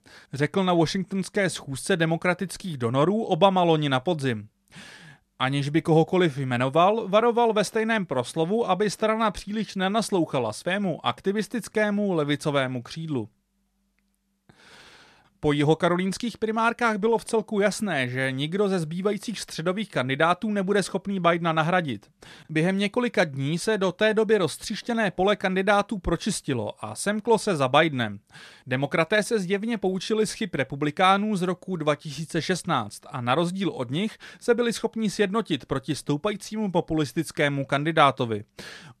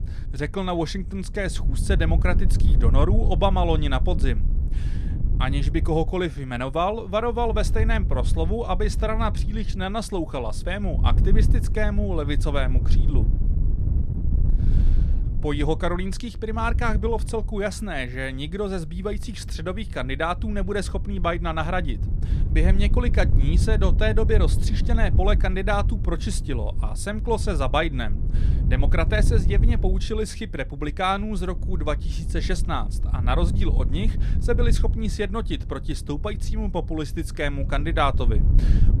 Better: first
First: none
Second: wind noise on the microphone; occasional gusts; 15 dB below the speech

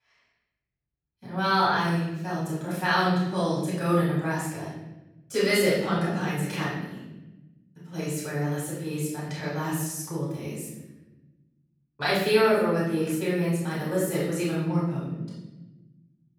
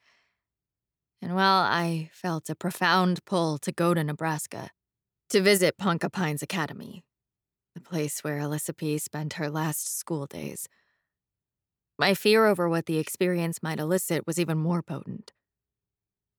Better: second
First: room echo; strong; dies away in 1 s // off-mic speech; far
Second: none

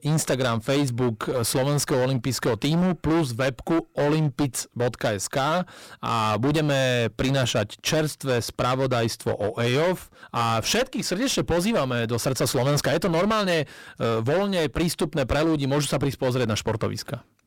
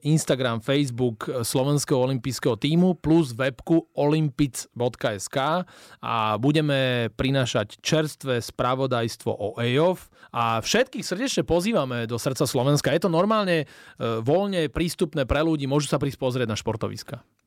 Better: second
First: distortion; heavy; 24% of the sound clipped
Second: none

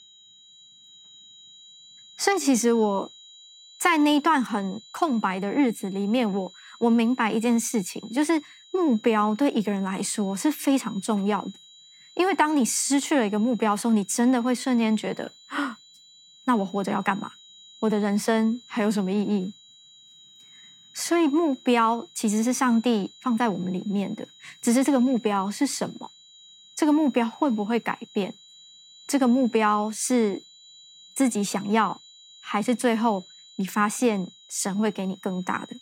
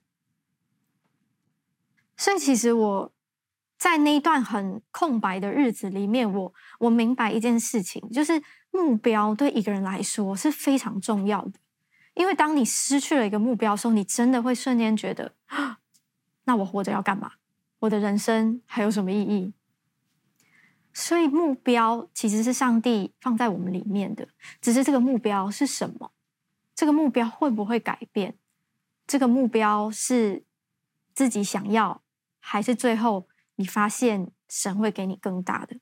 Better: second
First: high-pitched whine; faint; throughout; 4 kHz, 25 dB below the speech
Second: none

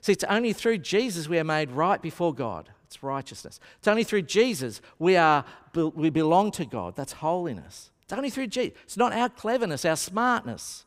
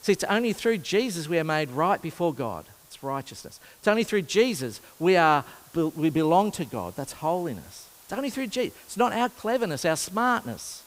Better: first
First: none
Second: hiss; faint; throughout; 25 dB below the speech

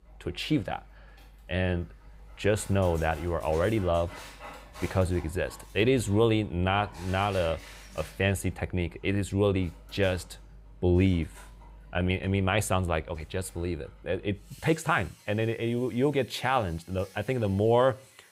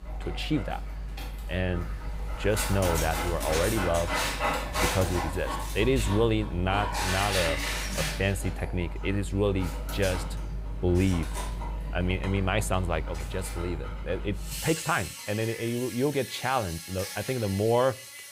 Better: first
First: animal sounds; faint; throughout; 20 dB below the speech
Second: animal sounds; loud; throughout; 4 dB below the speech

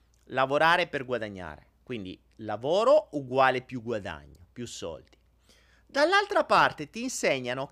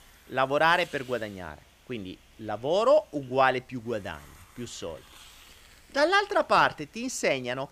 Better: first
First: none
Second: hiss; faint; throughout; 25 dB below the speech

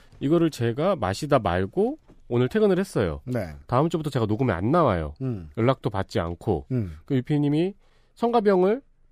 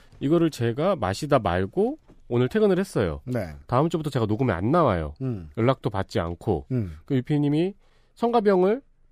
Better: neither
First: none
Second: none

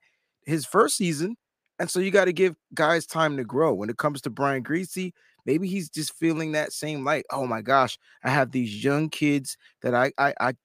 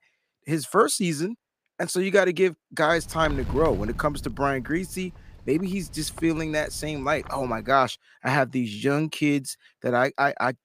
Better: first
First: none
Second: wind noise on the microphone; occasional gusts; from 3 to 7.5 s; 20 dB below the speech

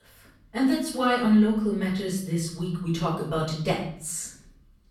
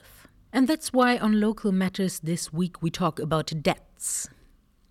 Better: second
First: room echo; noticeable; dies away in 0.6 s // off-mic speech; far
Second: none

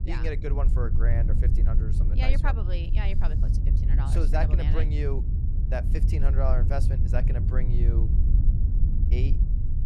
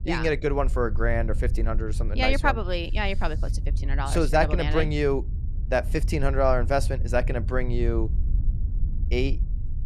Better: second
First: low rumble; loud; throughout; 6 dB below the speech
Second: low rumble; faint; throughout; 20 dB below the speech

